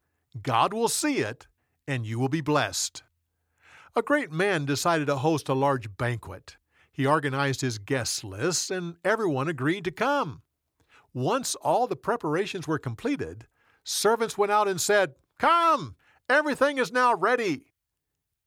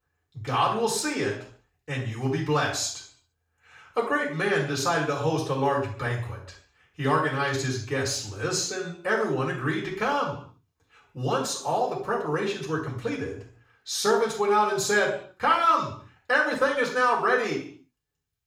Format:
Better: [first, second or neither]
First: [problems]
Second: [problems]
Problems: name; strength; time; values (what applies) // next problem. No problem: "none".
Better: first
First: none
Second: room echo; noticeable; dies away in 0.5 s // off-mic speech; far